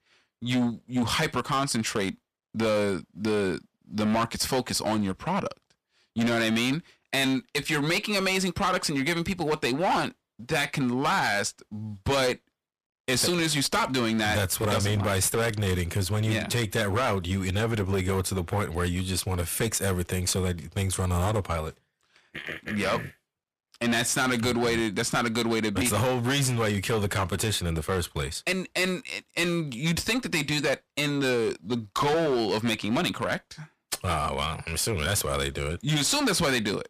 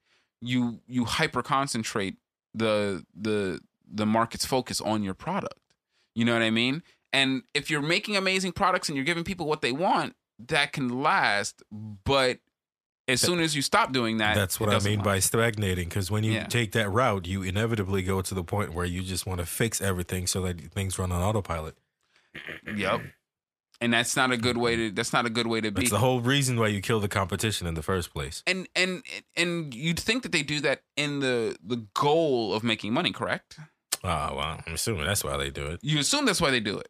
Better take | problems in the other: second | distortion; heavy; 13% of the sound clipped

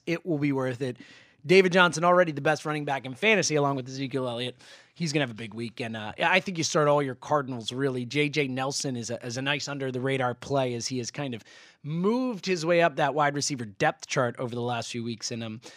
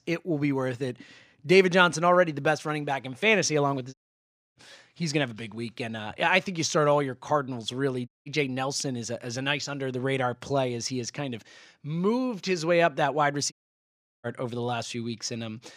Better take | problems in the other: first | audio cutting out; at 4 s for 0.5 s, at 8 s and at 14 s for 0.5 s

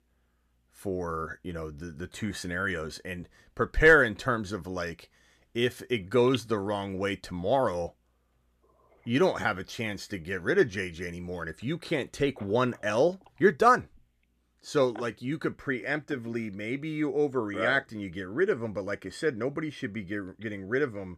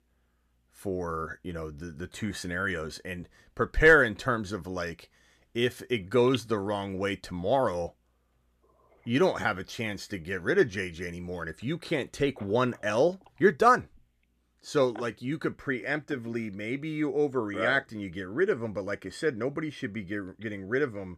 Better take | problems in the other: neither | none

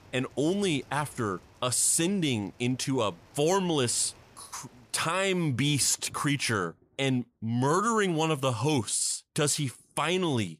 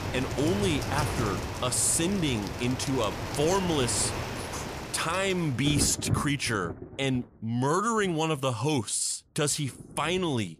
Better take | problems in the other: first | rain or running water; loud; throughout; 6 dB below the speech; faint in the first

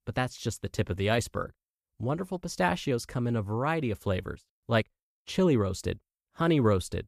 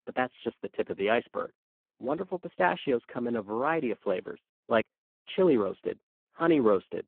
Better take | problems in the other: first | phone-call audio; poor line

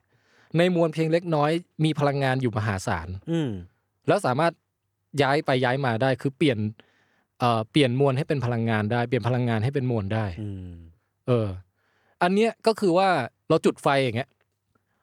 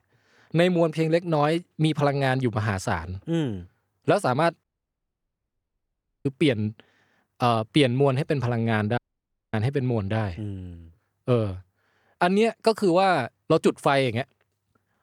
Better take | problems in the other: first | audio cutting out; at 4.5 s for 1.5 s and at 9 s for 0.5 s

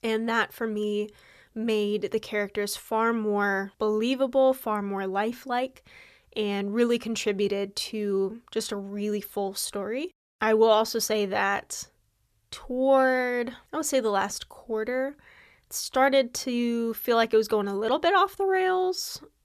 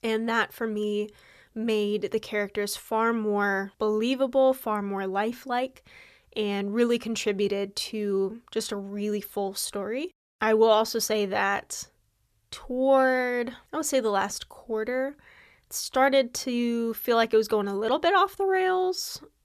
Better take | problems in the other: neither | none

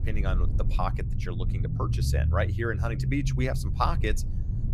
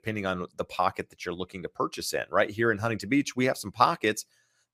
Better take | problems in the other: second | low rumble; noticeable; throughout; 10 dB below the speech

